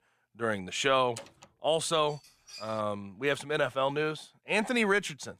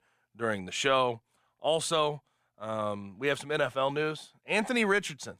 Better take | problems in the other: second | door banging; faint; at 1 s; peak 15 dB below the speech // clattering dishes; faint; at 2 s; peak 15 dB below the speech

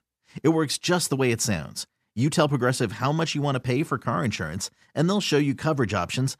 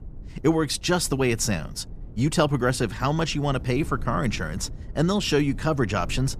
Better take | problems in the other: first | low rumble; faint; throughout; 25 dB below the speech

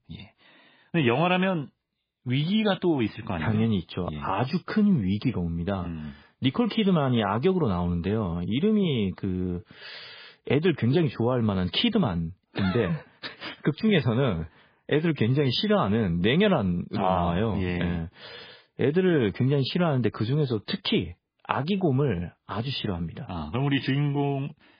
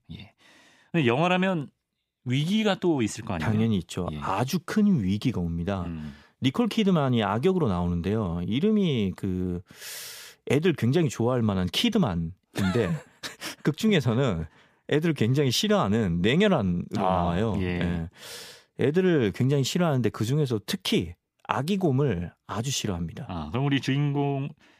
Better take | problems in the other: second | garbled, watery; badly; nothing above 5 kHz

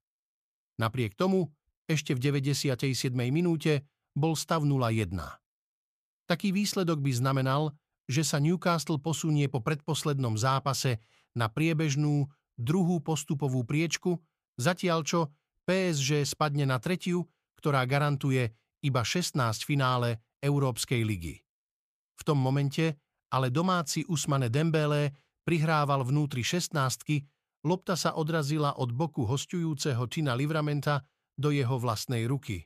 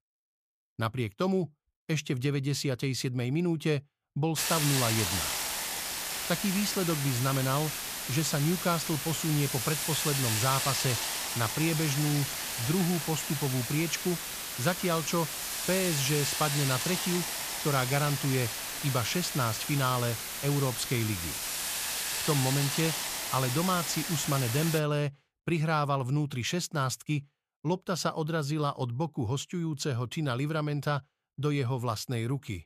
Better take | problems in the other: first | hiss; loud; from 4.5 to 25 s; 1 dB below the speech

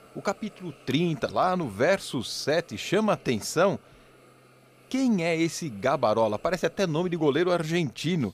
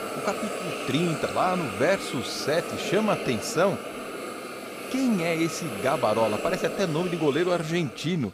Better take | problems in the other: first | hiss; loud; throughout; 7 dB below the speech; faint in the first

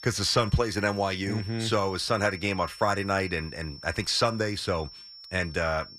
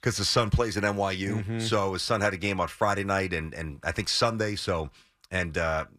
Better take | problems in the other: second | high-pitched whine; noticeable; throughout; 5.5 kHz, 15 dB below the speech

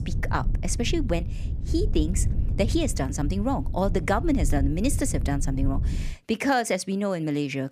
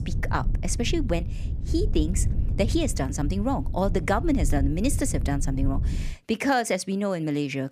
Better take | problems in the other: neither | wind noise on the microphone; occasional gusts; until 6 s; 15 dB below the speech; the same in both

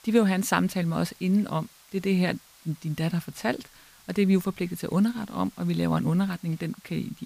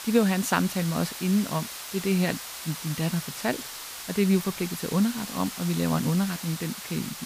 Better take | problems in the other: first | hiss; loud; throughout; 8 dB below the speech; faint in the first

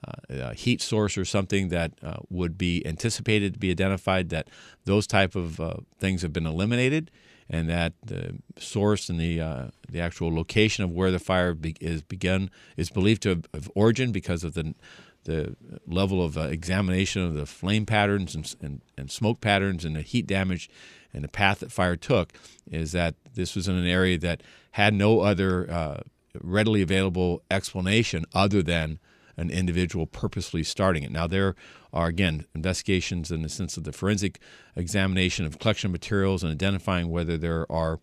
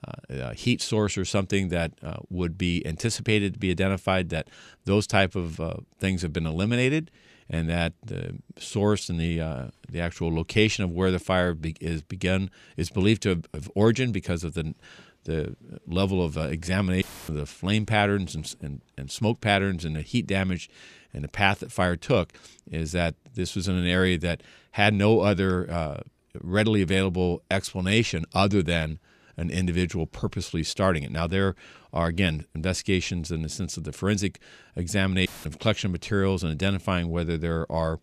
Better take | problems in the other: first | audio cutting out; filled with static; at 17 s and at 35 s

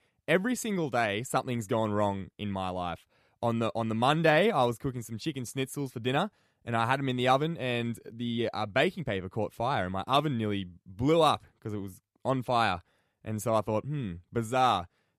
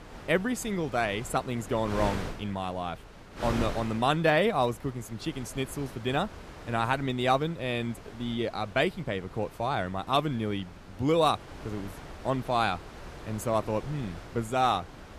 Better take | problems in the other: first | wind noise on the microphone; occasional gusts; 15 dB below the speech

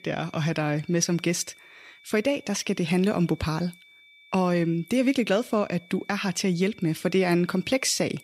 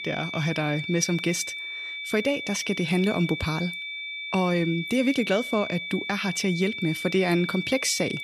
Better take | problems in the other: first | high-pitched whine; loud; throughout; 2.5 kHz, 6 dB below the speech; faint in the first

